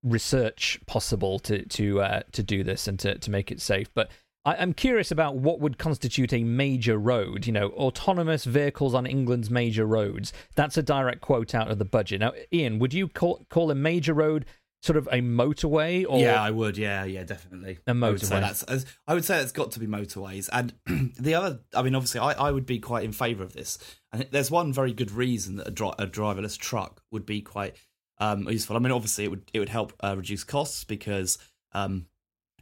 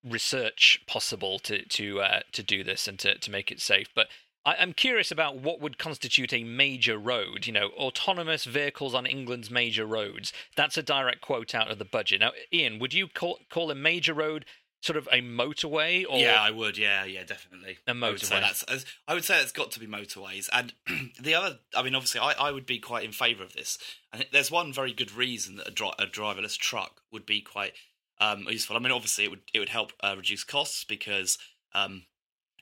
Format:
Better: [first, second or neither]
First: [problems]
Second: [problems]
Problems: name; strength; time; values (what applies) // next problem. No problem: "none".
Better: first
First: none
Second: thin; somewhat; fading below 1 kHz